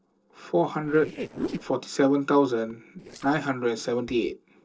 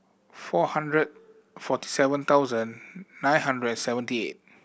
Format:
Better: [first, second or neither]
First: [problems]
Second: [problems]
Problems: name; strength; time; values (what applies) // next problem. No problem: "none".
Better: second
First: noise reduction (neural separator model SepFormer DNS4)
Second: none